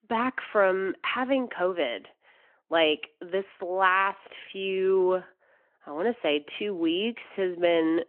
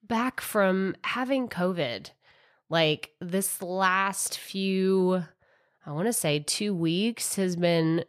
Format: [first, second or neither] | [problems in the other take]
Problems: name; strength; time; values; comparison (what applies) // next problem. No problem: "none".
second | phone-call audio; nothing above 3 kHz